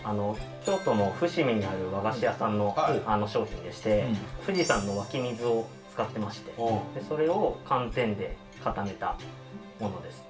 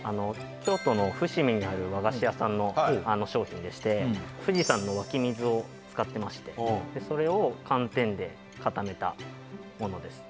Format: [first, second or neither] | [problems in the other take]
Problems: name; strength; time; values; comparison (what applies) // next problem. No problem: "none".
second | background sound (Knock); 20 dB below the speech // room echo; dies away in 0.2 s